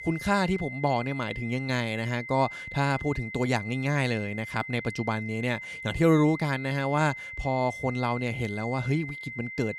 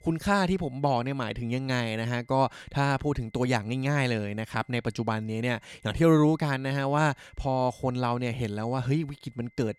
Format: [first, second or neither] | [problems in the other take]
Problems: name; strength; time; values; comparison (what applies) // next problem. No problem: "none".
second | high-pitched whine; loud; throughout; 2 kHz, 9 dB below the speech; faint in the second